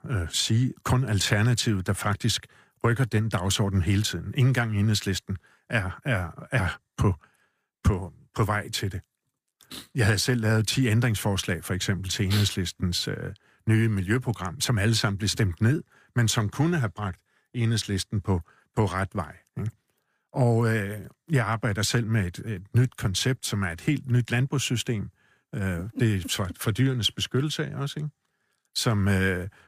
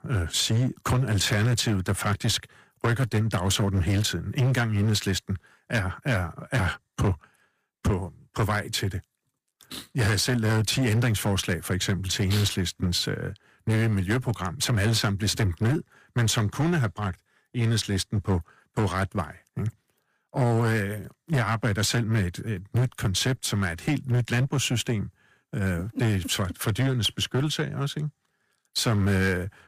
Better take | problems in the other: first | distortion; slight; 10% of the sound clipped

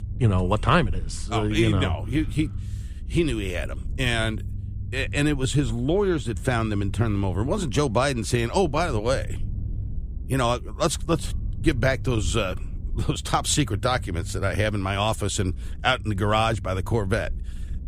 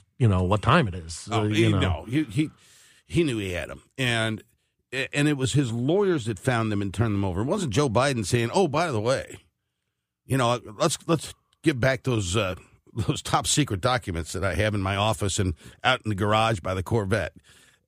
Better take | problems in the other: second | low rumble; faint; throughout; 25 dB below the speech

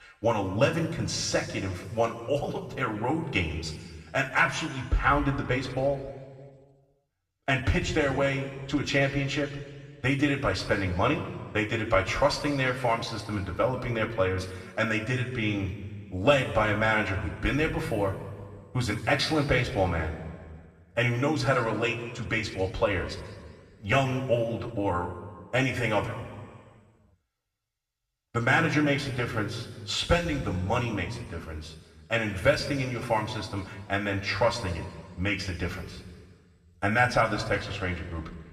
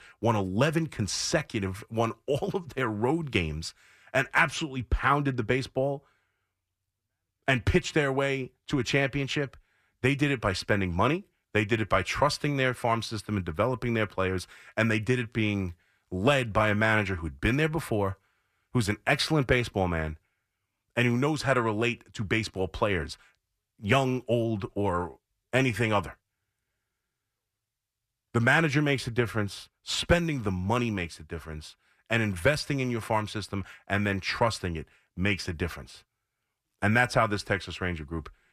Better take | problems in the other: second | room echo; noticeable; dies away in 1.5 s // off-mic speech; somewhat distant

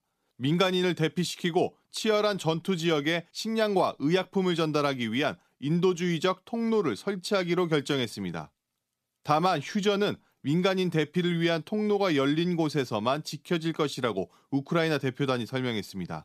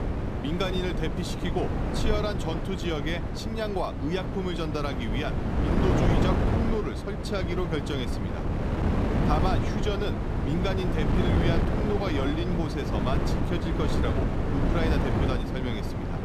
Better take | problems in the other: first | wind noise on the microphone; heavy; as loud as the speech

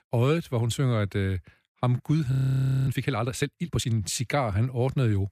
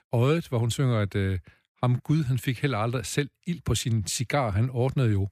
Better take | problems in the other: second | audio freezing; at 2.5 s for 0.5 s

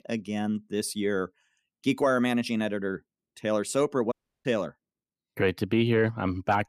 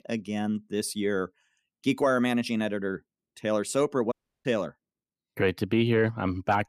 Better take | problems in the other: neither | audio cutting out; at 4 s; the same in both

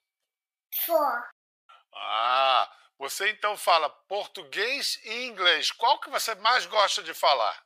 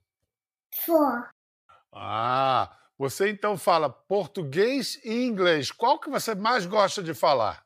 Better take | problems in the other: second | thin; very; fading below 850 Hz

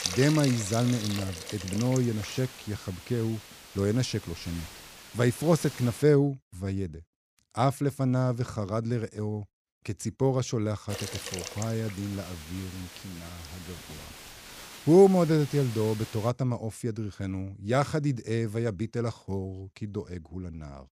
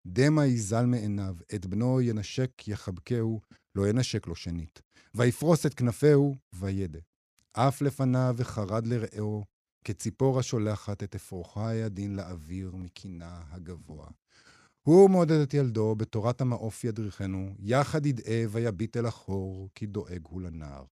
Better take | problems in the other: second | hiss; noticeable; until 6 s and from 11 to 16 s; 10 dB below the speech

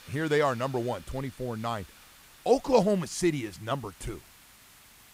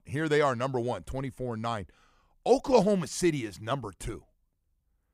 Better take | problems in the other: second | hiss; faint; throughout; 20 dB below the speech

